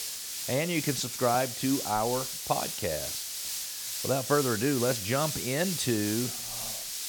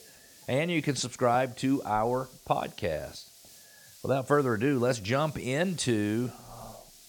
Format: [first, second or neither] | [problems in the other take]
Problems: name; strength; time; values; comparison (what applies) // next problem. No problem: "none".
second | hiss; loud; throughout; 3 dB below the speech; faint in the second